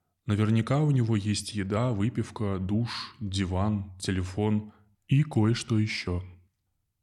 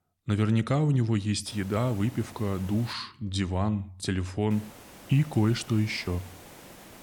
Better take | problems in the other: first | hiss; noticeable; from 1.5 to 3 s and from 4.5 s on; 20 dB below the speech

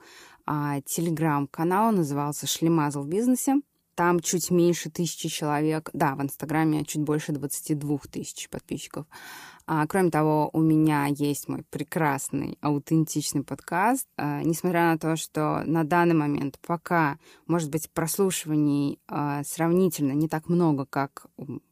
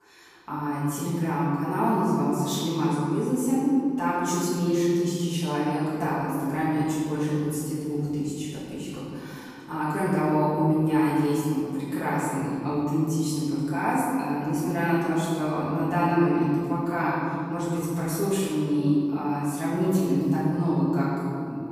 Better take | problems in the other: first | off-mic speech; far // room echo; strong; dies away in 2.4 s

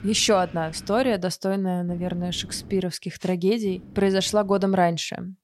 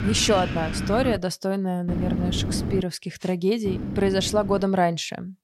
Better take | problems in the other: first | wind noise on the microphone; heavy; until 1 s, at 2 s and at 3.5 s; 9 dB below the speech; occasional gusts in the first

